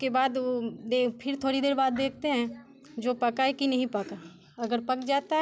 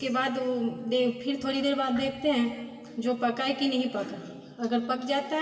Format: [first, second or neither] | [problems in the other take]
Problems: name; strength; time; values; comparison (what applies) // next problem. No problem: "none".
first | room echo; dies away in 1.8 s